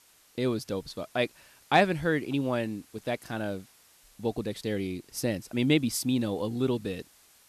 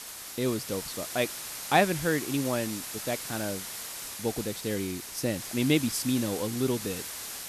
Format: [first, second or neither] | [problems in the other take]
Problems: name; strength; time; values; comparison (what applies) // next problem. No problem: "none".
first | hiss; loud; throughout; 6 dB below the speech; faint in the first